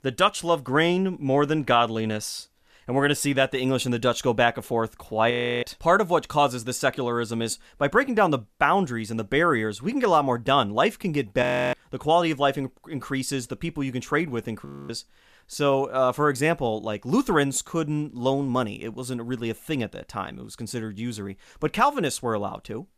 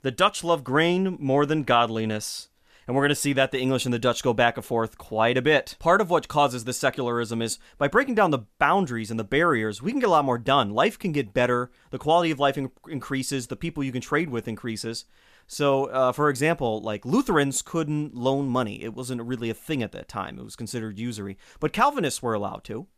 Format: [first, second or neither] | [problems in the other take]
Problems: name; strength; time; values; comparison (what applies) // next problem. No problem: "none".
second | audio freezing; at 5.5 s, at 11 s and at 15 s